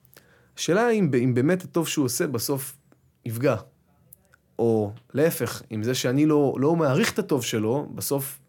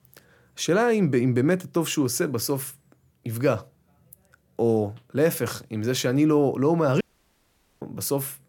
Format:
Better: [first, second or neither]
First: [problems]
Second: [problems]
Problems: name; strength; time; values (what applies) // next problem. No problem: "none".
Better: first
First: none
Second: audio cutting out; at 7 s for 1 s